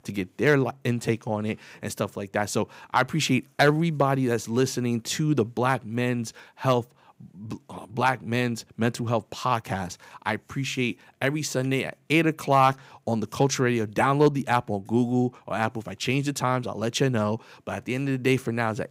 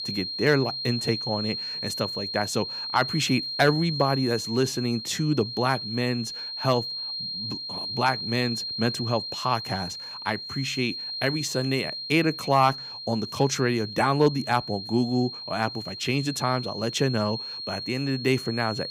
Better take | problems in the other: first | high-pitched whine; loud; throughout; 4 kHz, 5 dB below the speech

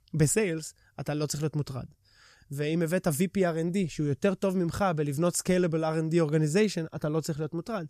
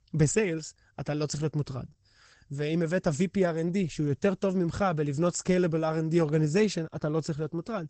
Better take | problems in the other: first | garbled, watery; badly; nothing above 8 kHz

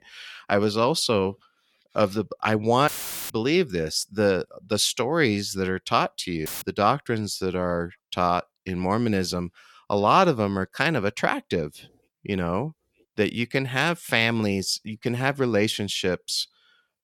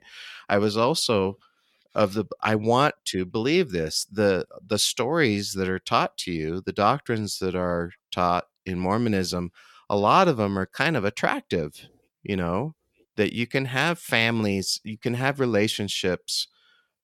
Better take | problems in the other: second | audio cutting out; filled with static; at 3 s and at 6.5 s

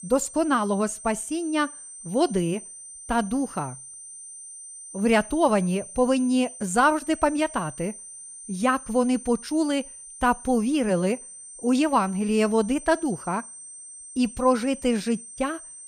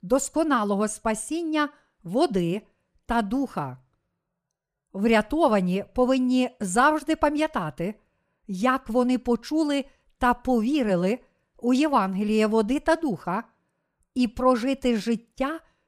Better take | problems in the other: second | high-pitched whine; noticeable; throughout; 8.5 kHz, 15 dB below the speech

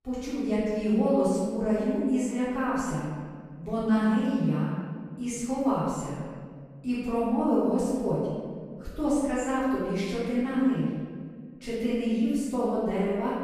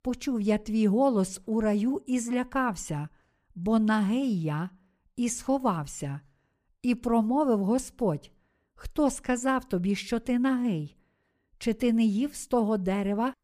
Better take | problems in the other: second | room echo; strong; dies away in 1.6 s // off-mic speech; far

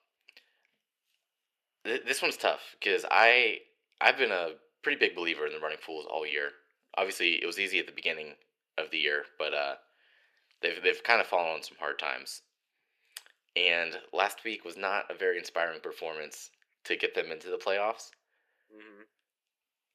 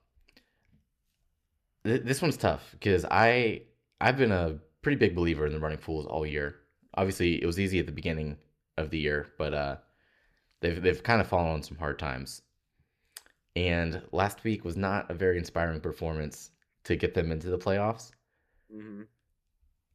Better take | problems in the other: second | thin; very; fading below 450 Hz

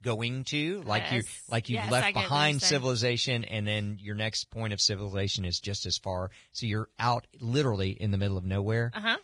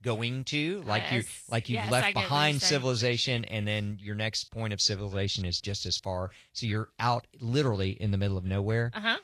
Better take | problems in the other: second | garbled, watery; badly; nothing above 10.5 kHz; slightly in the second

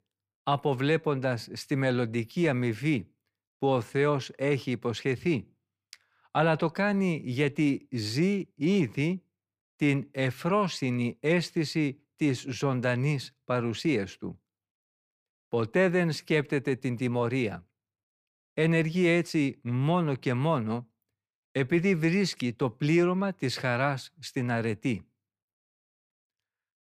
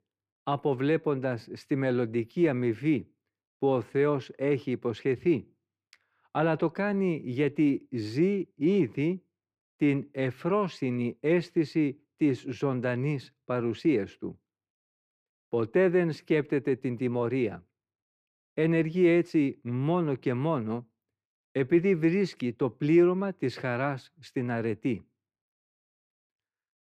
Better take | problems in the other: first | muffled; slightly; fading above 3.5 kHz

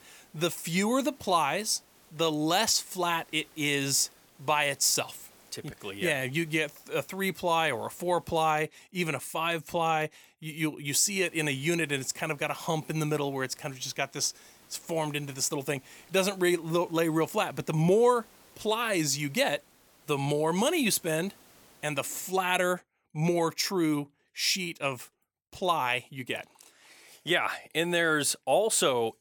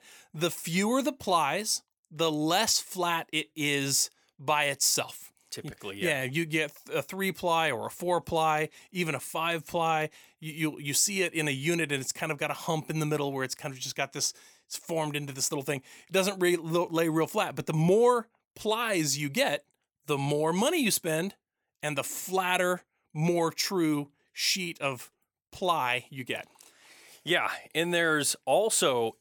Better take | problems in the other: second | hiss; faint; until 8.5 s and from 11 to 22 s; 30 dB below the speech

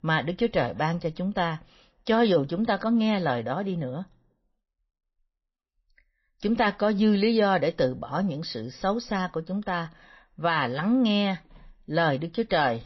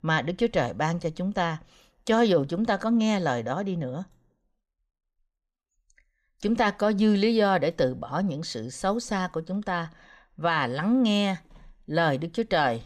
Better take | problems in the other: second | garbled, watery; slightly; nothing above 5.5 kHz

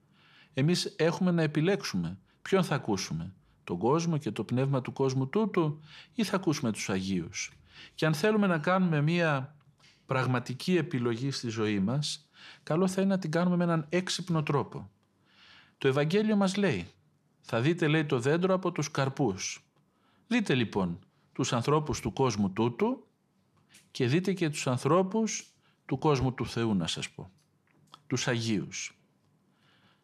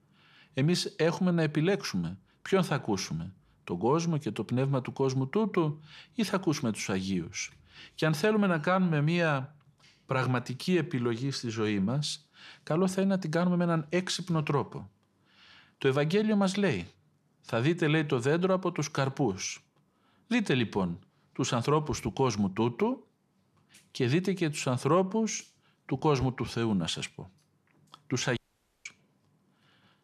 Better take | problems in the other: first | audio cutting out; at 28 s

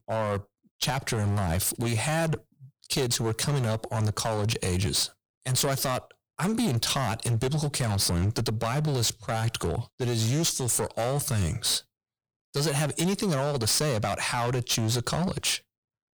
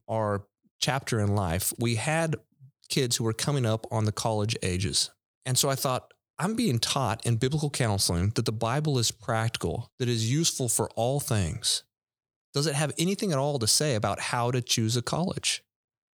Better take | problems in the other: second | distortion; heavy; 15% of the sound clipped

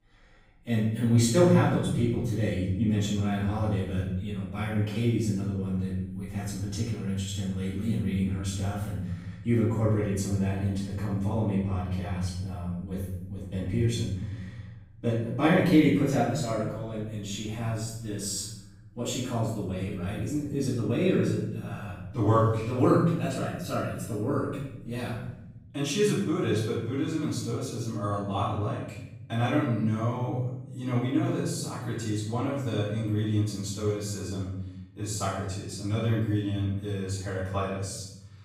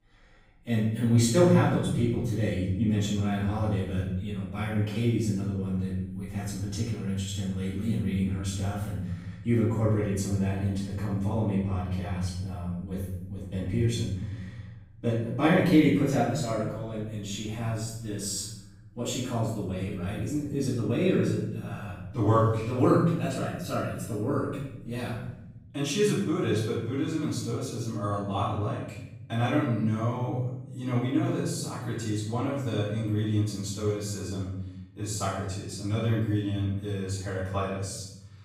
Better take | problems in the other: neither | off-mic speech; far; the same in both // room echo; strong; dies away in 1.5 s; the same in both

